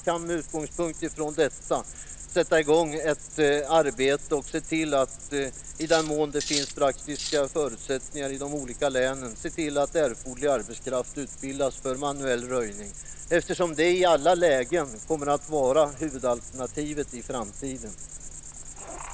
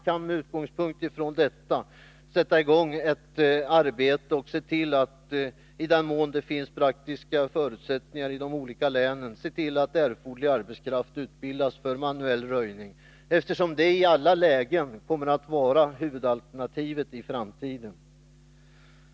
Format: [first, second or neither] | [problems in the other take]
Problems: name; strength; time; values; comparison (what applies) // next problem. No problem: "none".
second | background sound (Cricket + Cutlery, silverware); 11 dB below the speech